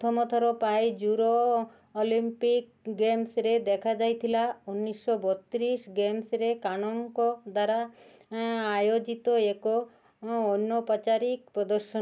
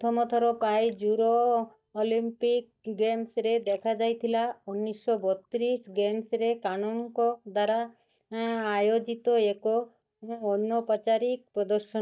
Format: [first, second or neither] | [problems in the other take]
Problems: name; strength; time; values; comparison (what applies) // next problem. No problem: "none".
first | noise reduction (neural mask model DeepFilterNet 3)